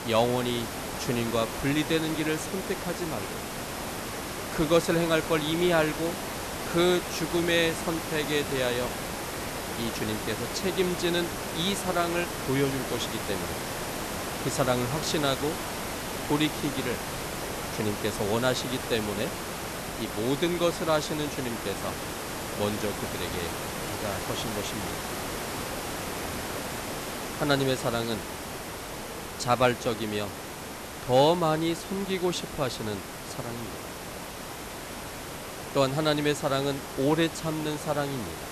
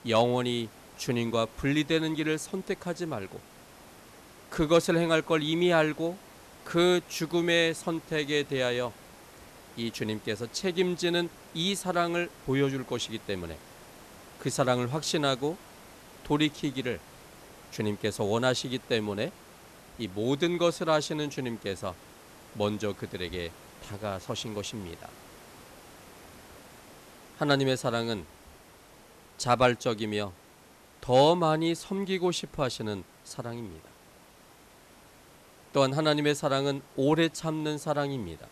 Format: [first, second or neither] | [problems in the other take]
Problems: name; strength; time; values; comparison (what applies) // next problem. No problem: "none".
second | hiss; loud; throughout; 5 dB below the speech; faint in the second